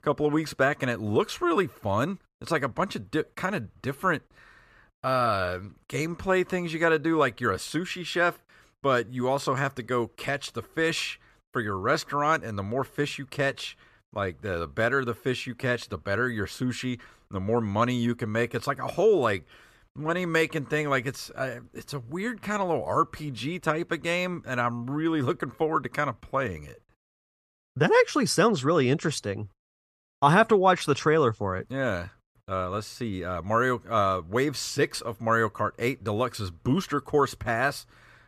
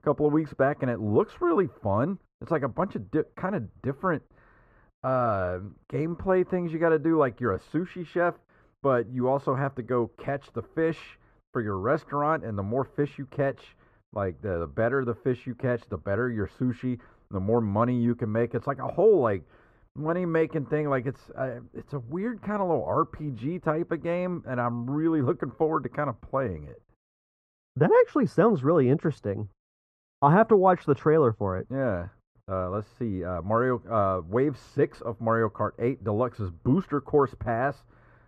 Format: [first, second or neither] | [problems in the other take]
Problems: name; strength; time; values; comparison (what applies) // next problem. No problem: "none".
first | muffled; very; fading above 2 kHz